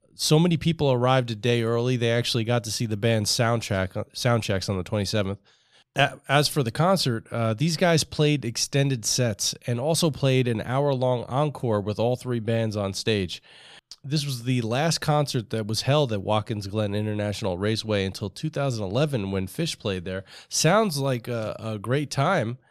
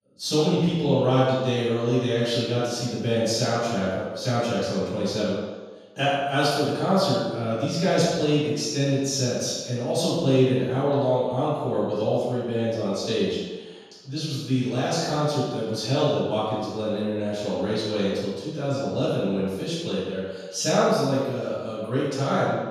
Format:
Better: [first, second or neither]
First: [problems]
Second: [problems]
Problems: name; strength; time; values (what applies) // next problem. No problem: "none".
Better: first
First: none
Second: room echo; strong; dies away in 1.2 s // off-mic speech; far